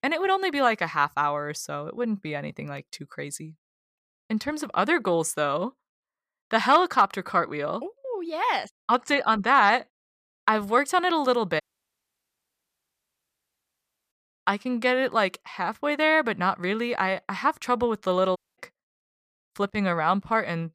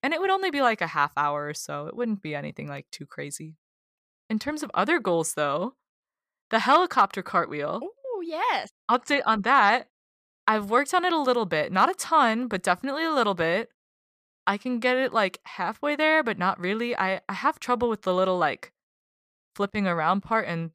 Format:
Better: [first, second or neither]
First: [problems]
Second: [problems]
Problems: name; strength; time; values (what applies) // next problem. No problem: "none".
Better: second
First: audio cutting out; at 12 s for 2.5 s and at 18 s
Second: none